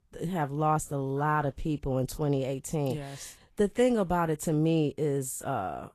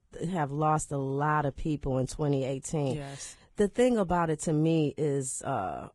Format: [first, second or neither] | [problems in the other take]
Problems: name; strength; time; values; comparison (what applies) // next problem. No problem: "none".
first | garbled, watery; badly; nothing above 10 kHz; slightly in the first